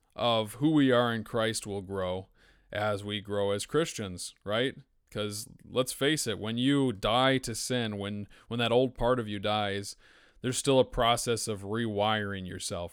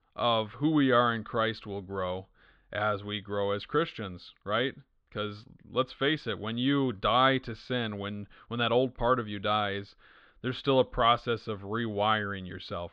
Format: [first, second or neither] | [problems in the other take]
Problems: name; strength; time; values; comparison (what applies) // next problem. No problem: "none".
first | muffled; very; fading above 4 kHz